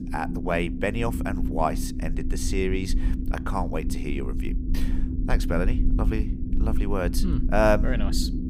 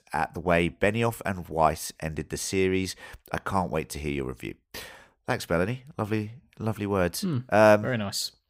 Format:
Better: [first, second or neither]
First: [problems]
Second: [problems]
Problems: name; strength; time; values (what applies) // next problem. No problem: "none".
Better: second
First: low rumble; loud; throughout; 10 dB below the speech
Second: none